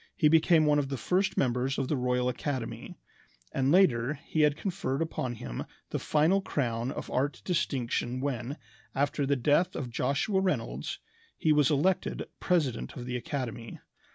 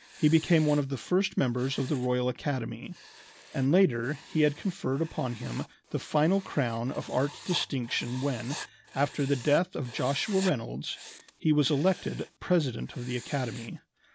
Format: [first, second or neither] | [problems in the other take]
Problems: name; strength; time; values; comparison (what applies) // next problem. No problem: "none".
first | background sound (Writing); 19 dB below the speech